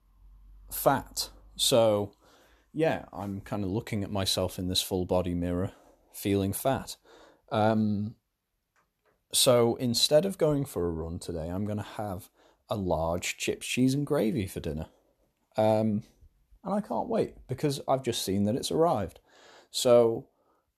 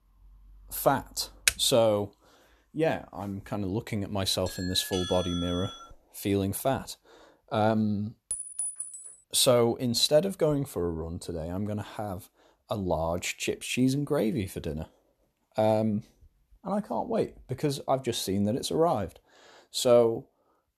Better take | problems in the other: first | keyboard typing; very faint; at 1.5 s; peak 1 dB above the speech // doorbell; noticeable; from 4.5 to 6 s; peak 6 dB below the speech // clattering dishes; noticeable; at 8.5 s; peak 3 dB below the speech

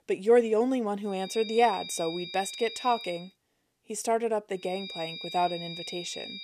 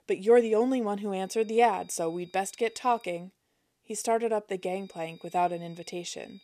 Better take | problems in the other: second | high-pitched whine; loud; from 1 to 3 s and from 4.5 s on; 4 kHz, 10 dB below the speech; faint in the second

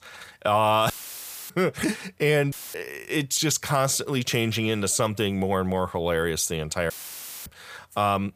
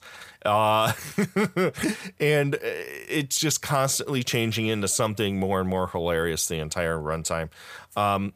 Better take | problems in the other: second | audio cutting out; filled with static; at 1 s for 0.5 s, at 2.5 s and at 7 s for 0.5 s

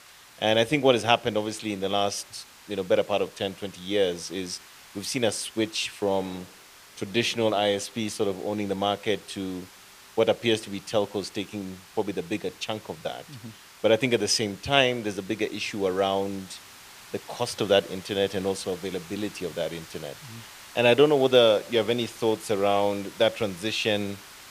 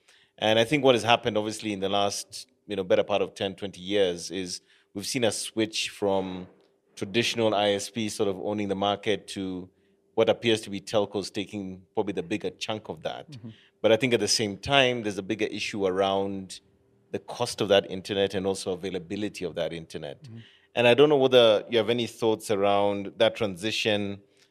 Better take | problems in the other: second | hiss; noticeable; throughout; 20 dB below the speech

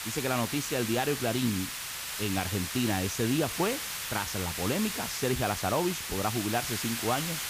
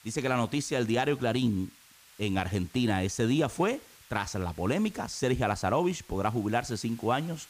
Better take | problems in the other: second | hiss; loud; throughout; 3 dB below the speech; faint in the second

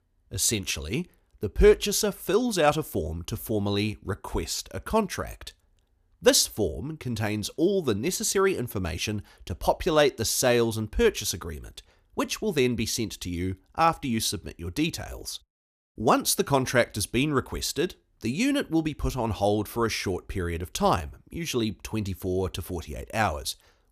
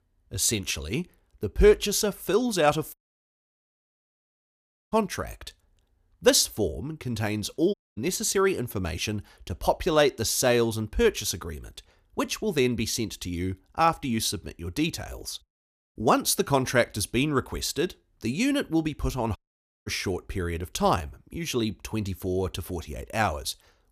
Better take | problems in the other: first | audio cutting out; at 3 s for 2 s, at 7.5 s and at 19 s for 0.5 s

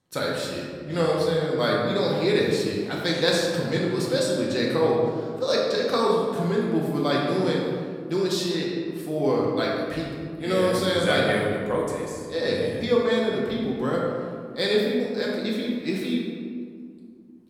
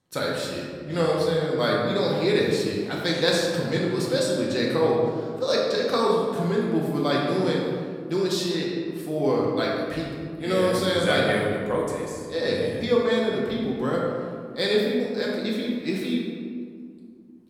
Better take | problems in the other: neither | room echo; noticeable; dies away in 1.7 s; the same in both // off-mic speech; far; the same in both

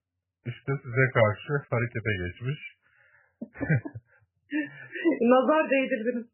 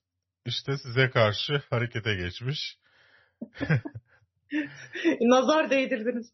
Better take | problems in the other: second | garbled, watery; badly; nothing above 3 kHz; slightly in the second

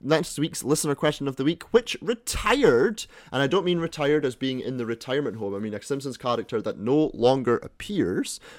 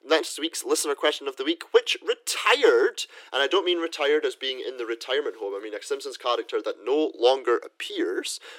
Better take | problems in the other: first | thin; very; fading below 300 Hz

